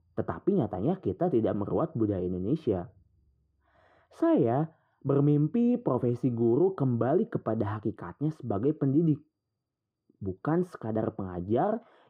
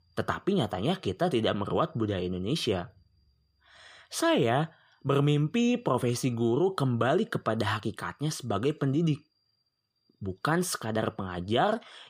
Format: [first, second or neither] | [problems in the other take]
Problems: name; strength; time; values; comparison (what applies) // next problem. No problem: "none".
second | muffled; very; fading above 2 kHz